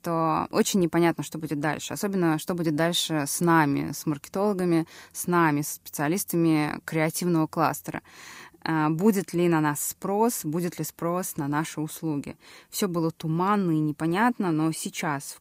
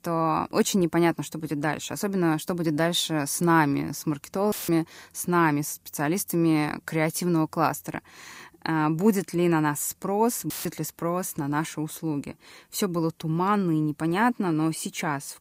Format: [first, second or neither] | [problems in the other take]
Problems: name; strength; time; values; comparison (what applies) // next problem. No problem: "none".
first | audio cutting out; filled with static; at 4.5 s and at 11 s